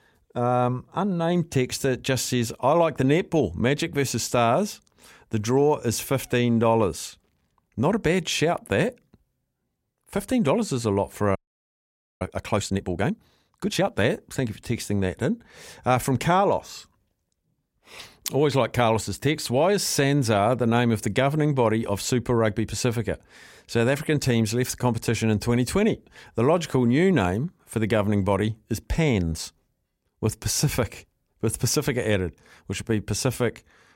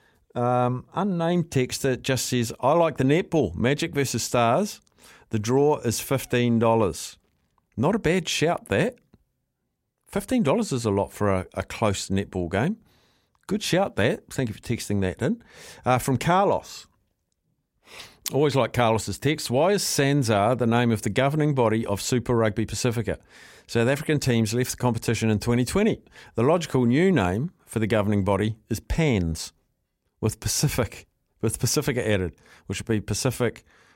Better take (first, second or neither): second